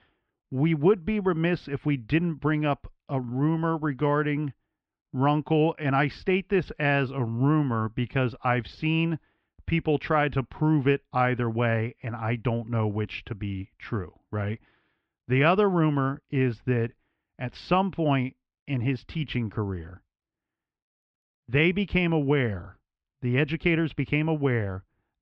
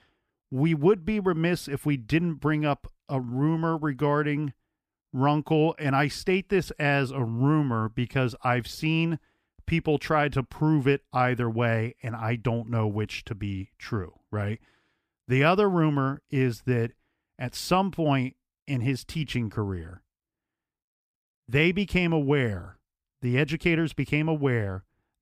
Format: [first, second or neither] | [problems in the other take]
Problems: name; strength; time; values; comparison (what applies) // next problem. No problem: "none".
second | muffled; slightly; fading above 3.5 kHz